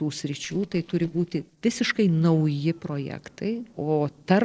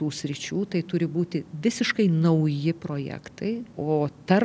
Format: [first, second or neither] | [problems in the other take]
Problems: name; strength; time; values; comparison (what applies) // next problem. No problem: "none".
second | noise reduction (neural separator model SepFormer DNS4)